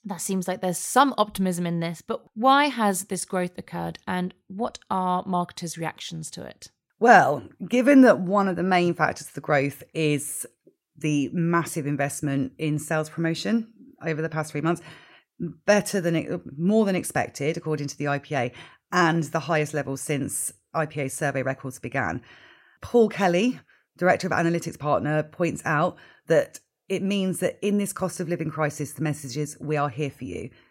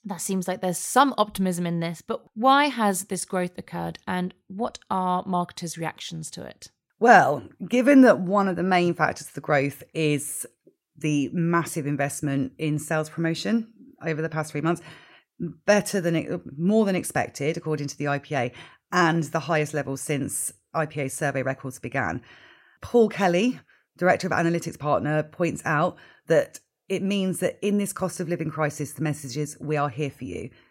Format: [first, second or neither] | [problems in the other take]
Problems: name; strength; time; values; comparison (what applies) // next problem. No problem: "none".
neither | none